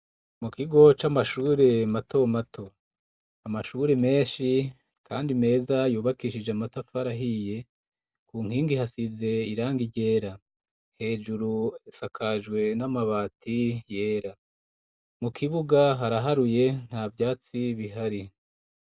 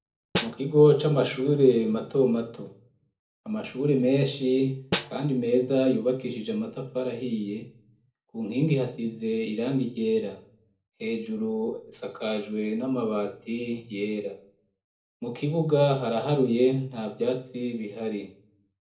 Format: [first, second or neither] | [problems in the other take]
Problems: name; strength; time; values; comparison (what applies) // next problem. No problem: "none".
first | background sound (Snare drum); 7 dB below the speech // room echo; dies away in 0.4 s